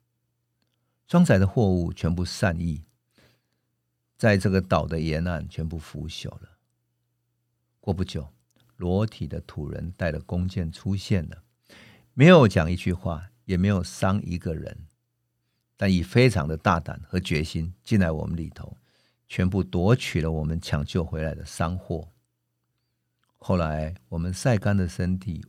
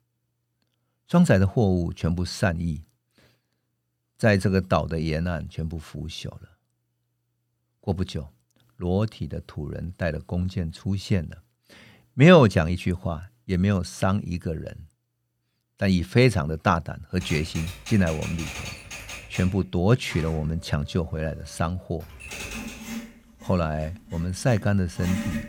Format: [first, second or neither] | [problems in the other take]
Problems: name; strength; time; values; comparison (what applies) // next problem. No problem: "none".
first | household noises; noticeable; from 17 s on; 15 dB below the speech